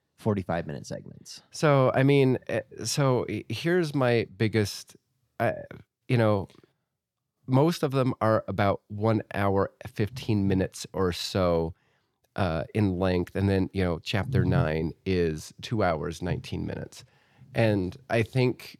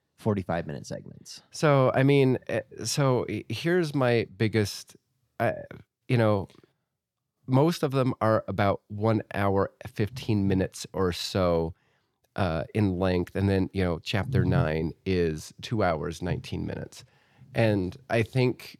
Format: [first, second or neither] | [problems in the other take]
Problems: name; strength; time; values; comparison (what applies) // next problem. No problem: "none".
neither | none